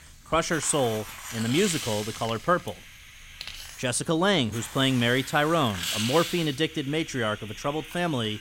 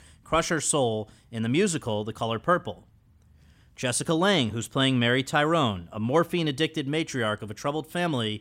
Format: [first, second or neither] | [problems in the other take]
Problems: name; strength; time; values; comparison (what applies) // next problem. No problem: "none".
second | hiss; loud; throughout; 9 dB below the speech